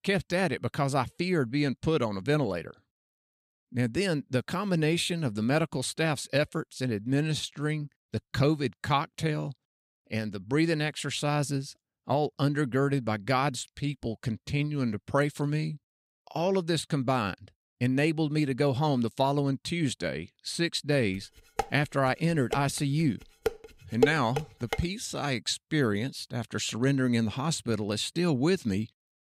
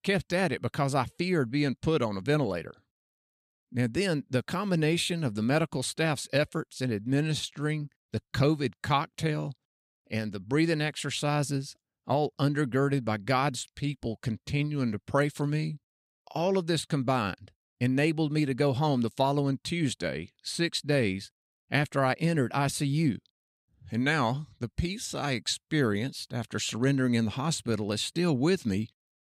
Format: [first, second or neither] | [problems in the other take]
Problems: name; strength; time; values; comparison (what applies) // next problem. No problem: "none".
second | clattering dishes; loud; from 22 to 25 s; peak 1 dB above the speech